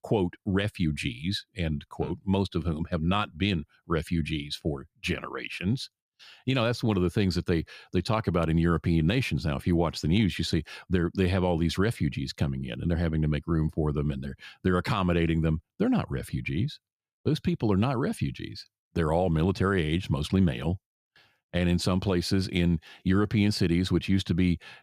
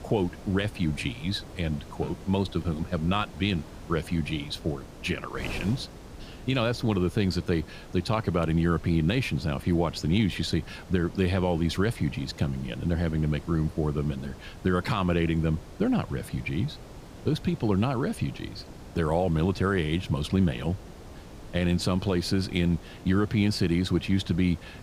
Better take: first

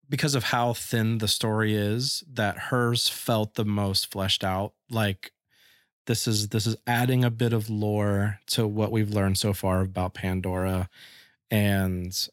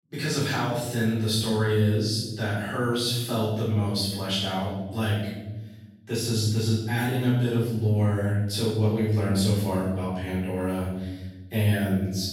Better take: first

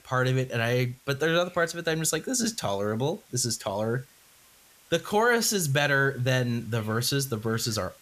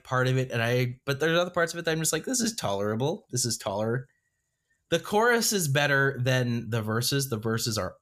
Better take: second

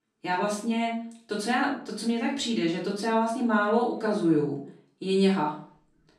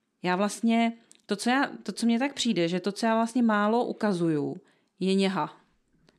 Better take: second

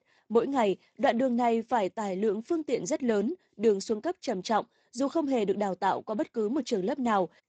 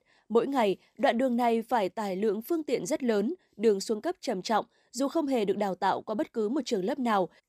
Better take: second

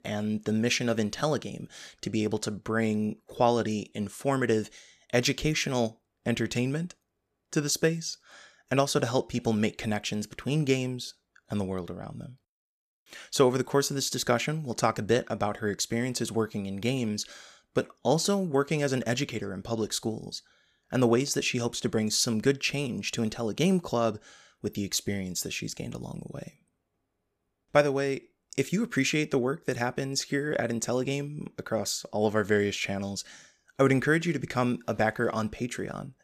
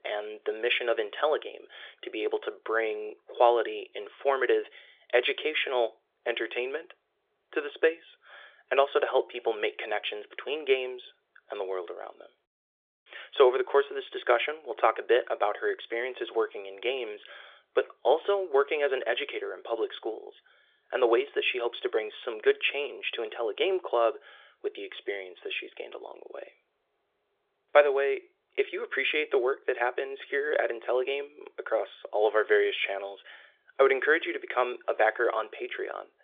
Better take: first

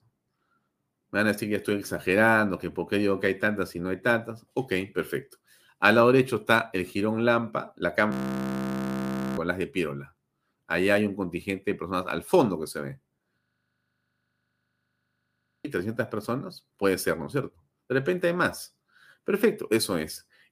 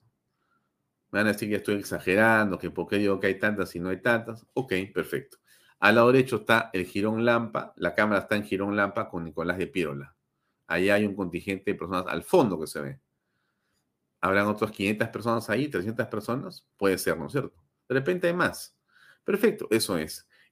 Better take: second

